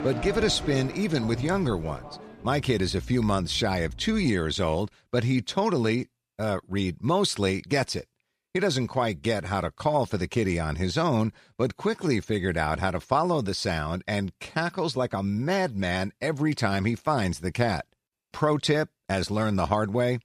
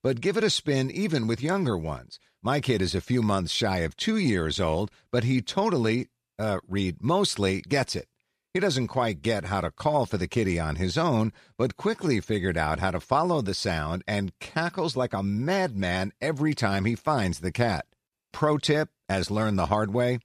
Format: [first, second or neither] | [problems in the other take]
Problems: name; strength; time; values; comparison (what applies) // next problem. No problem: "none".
second | traffic noise; noticeable; until 4.5 s; 15 dB below the speech